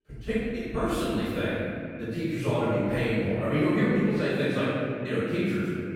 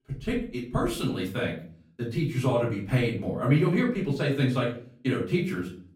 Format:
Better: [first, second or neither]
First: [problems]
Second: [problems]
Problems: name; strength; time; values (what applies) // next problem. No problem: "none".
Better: second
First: room echo; strong; dies away in 2.2 s // off-mic speech; far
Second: room echo; slight; dies away in 0.4 s // off-mic speech; far